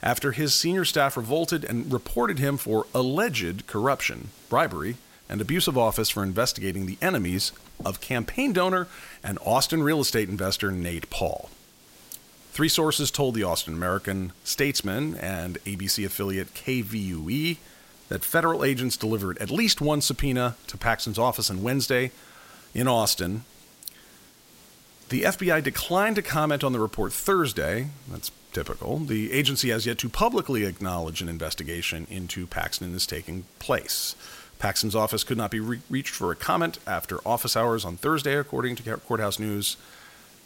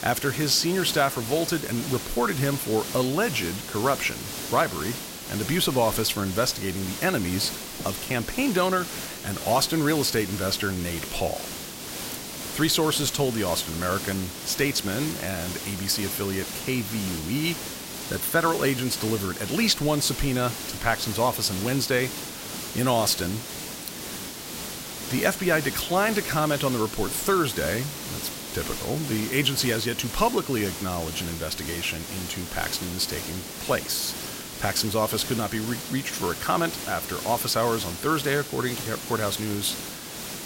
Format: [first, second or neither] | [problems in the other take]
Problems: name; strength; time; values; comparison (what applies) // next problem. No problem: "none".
first | hiss; loud; throughout; 7 dB below the speech; faint in the first